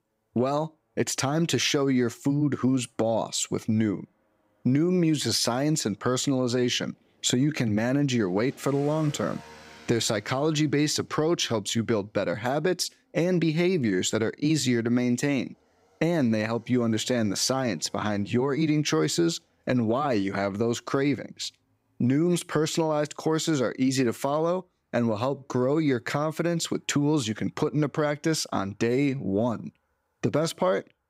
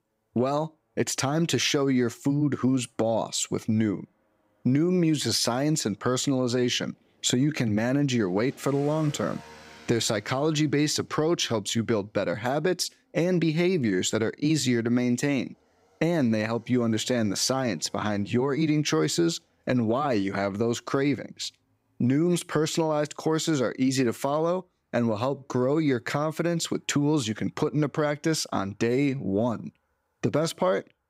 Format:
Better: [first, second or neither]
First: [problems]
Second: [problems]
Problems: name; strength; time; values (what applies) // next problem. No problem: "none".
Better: neither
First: traffic noise; faint; throughout; 30 dB below the speech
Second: traffic noise; faint; throughout; 30 dB below the speech